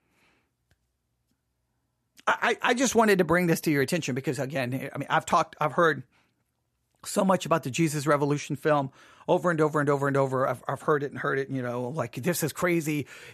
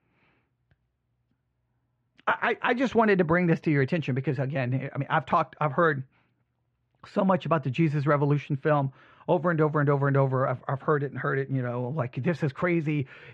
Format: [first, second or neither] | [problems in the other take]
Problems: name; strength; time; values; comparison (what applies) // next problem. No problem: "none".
first | muffled; very; fading above 3 kHz